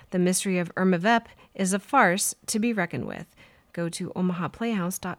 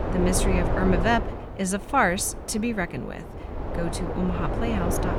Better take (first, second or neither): first